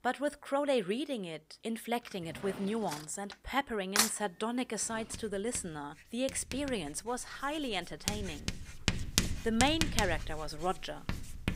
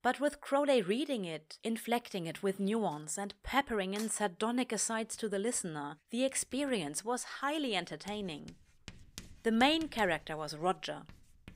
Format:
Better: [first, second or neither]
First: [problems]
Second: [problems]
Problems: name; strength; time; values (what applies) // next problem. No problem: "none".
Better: second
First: household noises; loud; throughout; as loud as the speech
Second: household noises; faint; throughout; 20 dB below the speech